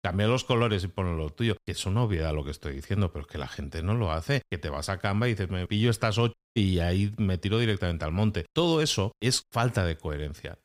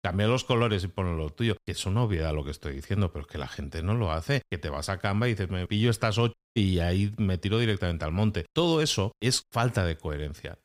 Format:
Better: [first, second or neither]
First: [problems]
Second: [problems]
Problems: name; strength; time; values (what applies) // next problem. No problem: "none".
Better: neither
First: audio cutting out; at 6.5 s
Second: audio cutting out; at 6.5 s